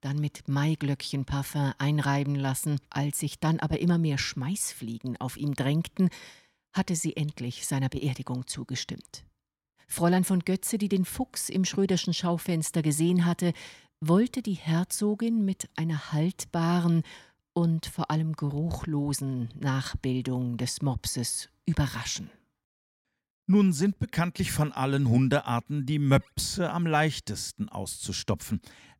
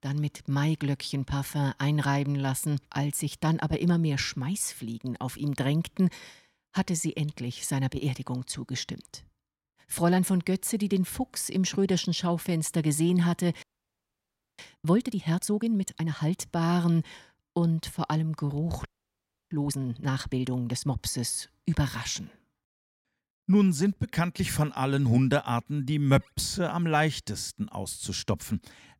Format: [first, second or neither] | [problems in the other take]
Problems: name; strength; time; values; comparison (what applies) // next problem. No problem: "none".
first | audio freezing; at 14 s for 1 s and at 19 s for 0.5 s